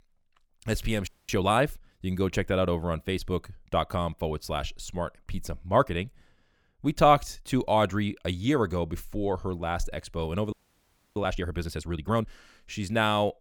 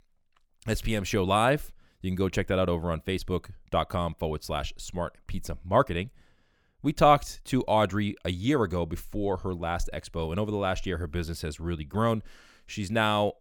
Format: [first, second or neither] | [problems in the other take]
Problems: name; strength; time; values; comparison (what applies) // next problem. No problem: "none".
second | audio freezing; at 1 s and at 11 s for 0.5 s